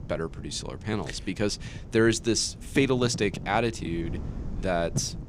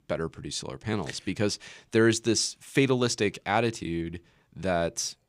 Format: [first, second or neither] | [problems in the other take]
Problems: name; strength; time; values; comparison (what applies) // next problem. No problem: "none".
second | wind noise on the microphone; occasional gusts; 20 dB below the speech